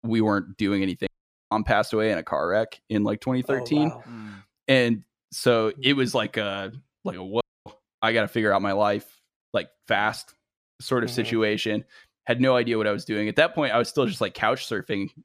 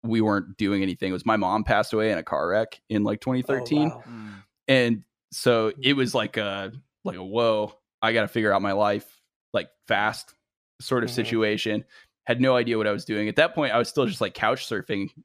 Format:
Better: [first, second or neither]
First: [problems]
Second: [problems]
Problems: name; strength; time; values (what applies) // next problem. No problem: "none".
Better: second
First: audio cutting out; at 1 s and at 7.5 s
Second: none